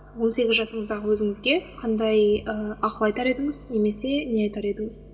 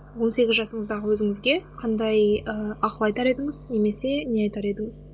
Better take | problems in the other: second | room echo; dies away in 1 s

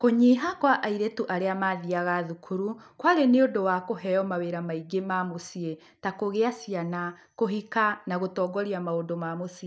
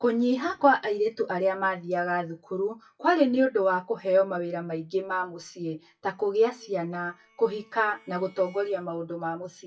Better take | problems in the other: first | noise reduction (classical method WPE with log-MMSE)

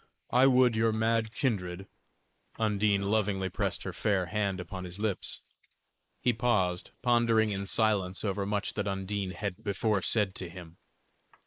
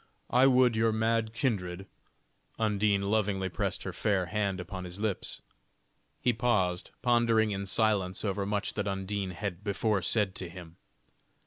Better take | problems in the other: second | noise reduction (neural mask model Resemble Enhance denoiser)

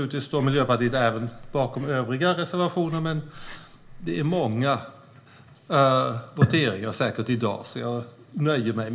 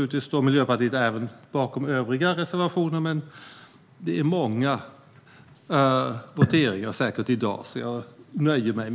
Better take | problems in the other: second | background sound (Breathing); 18 dB below the speech // room echo; dies away in 0.4 s

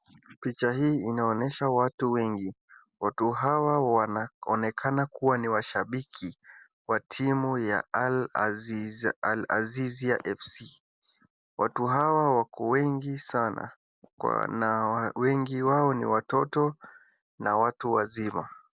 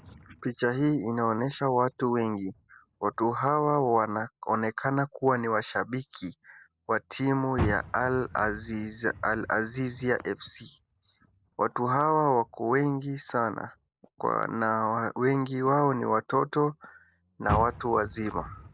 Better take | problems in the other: first | background sound (Car); 15 dB below the speech

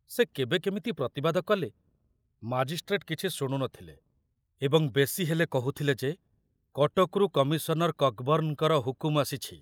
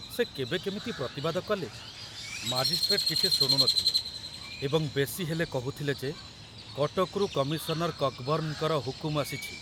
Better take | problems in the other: first | background sound (Crow); 2 dB below the speech

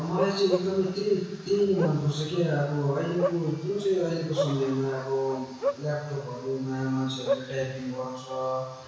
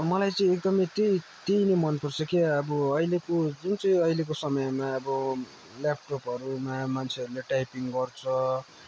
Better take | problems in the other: second | background sound (Bark); 8 dB below the speech // room echo; dies away in 1.1 s

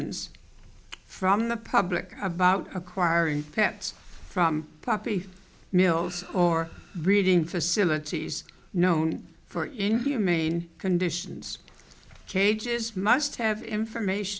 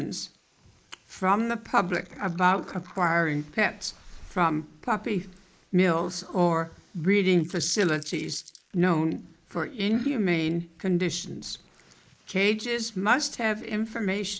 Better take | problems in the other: first | noise reduction (neural mask model Resemble Enhance denoiser)

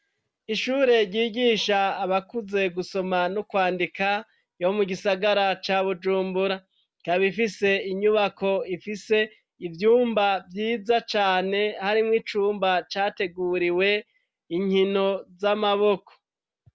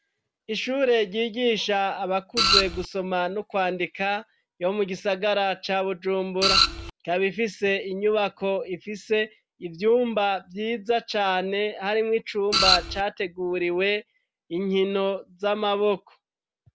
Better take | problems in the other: first | background sound (Printer); 4 dB above the speech

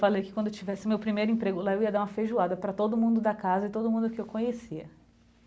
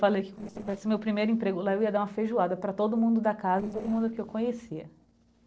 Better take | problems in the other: first | noise reduction (neural separator model SepFormer DNS4)

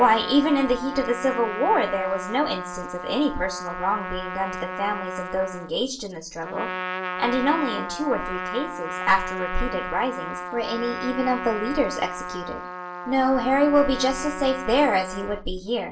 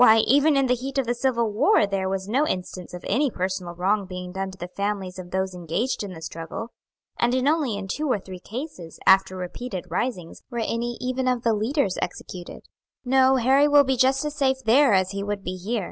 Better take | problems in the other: second | background sound (Trumpet); 8 dB below the speech // room echo; dies away in 0.3 s

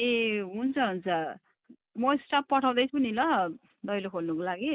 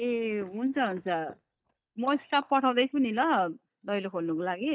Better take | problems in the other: first | noise reduction (neural mask model DeepFilterNet 3)

